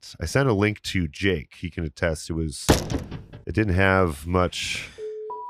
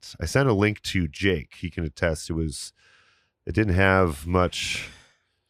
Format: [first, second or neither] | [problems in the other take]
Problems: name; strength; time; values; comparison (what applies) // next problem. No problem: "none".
second | door banging; loud; at 2.5 s; peak 2 dB above the speech // alarm; noticeable; at 5 s; peak 9 dB below the speech